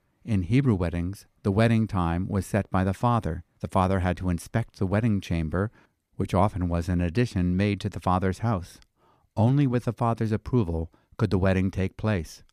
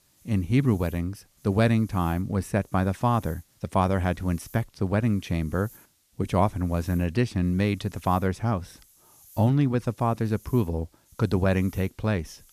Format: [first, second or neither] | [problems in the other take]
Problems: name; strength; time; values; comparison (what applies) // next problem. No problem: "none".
first | hiss; faint; throughout; 25 dB below the speech